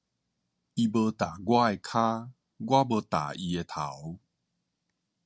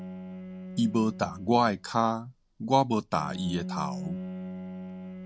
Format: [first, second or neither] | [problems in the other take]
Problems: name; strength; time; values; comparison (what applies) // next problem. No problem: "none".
first | background sound (Bowed string instrument); 10 dB below the speech